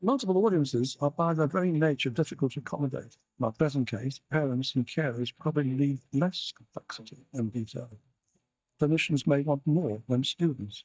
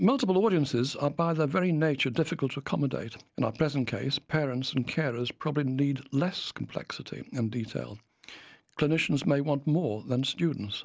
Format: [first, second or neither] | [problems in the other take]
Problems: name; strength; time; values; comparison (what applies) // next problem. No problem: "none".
second | noise reduction (neural mask model DeepFilterNet 3)